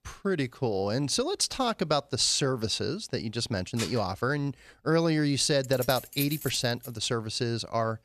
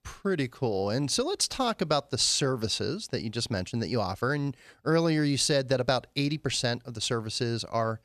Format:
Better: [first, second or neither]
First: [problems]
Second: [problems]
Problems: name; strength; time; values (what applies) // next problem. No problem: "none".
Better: second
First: clattering dishes; noticeable; at 4 s; peak 9 dB below the speech // jangling keys; noticeable; from 5.5 to 7 s; peak 7 dB below the speech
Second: none